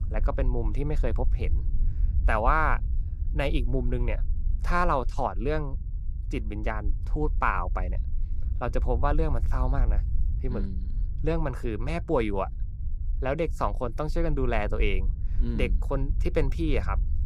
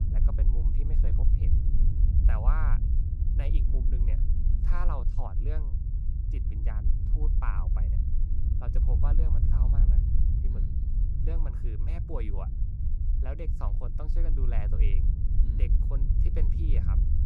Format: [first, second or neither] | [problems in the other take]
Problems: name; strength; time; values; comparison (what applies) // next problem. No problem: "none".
first | low rumble; loud; throughout; 2 dB below the speech; faint in the first